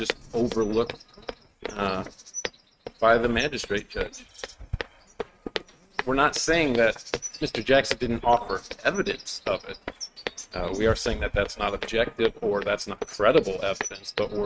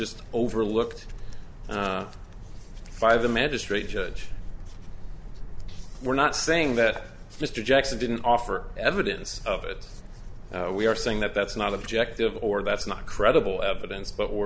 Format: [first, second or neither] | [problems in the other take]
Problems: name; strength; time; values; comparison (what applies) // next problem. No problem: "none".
second | noise reduction (neural mask model RNNoise)